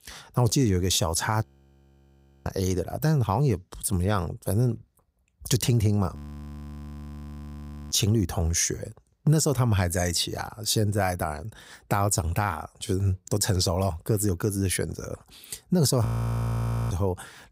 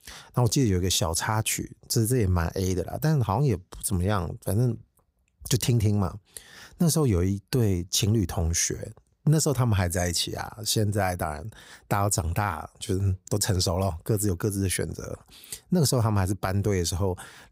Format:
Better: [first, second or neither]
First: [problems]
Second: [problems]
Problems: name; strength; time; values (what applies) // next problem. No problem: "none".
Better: second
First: audio freezing; at 1.5 s for 1 s, at 6 s for 2 s and at 16 s for 1 s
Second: none